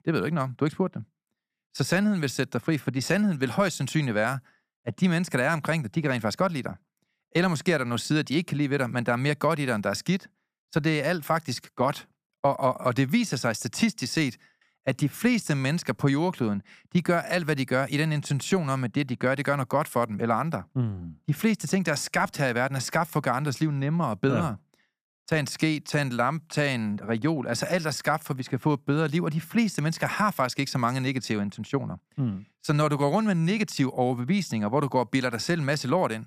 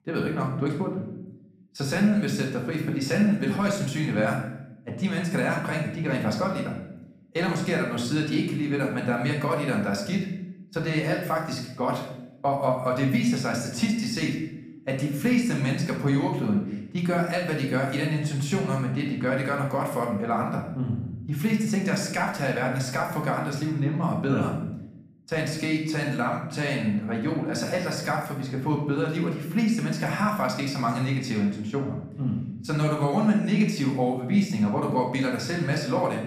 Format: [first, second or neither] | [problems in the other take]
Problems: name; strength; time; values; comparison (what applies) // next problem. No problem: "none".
first | room echo; noticeable; dies away in 0.7 s // off-mic speech; far